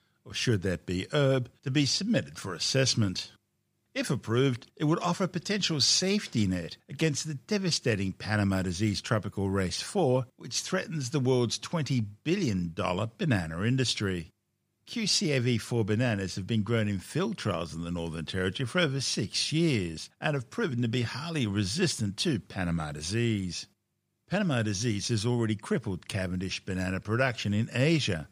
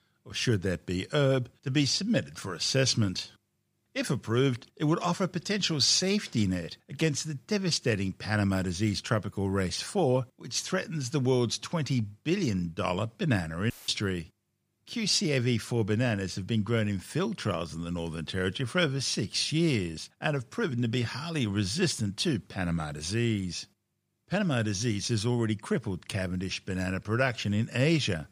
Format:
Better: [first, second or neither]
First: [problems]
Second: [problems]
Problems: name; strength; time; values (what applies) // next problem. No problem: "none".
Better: first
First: none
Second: audio cutting out; filled with static; at 14 s